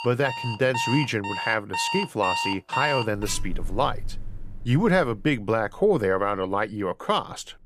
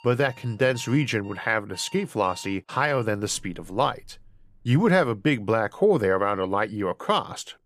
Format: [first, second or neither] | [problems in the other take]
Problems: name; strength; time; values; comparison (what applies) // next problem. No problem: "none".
second | alarms or sirens; loud; throughout; 5 dB below the speech; faint in the second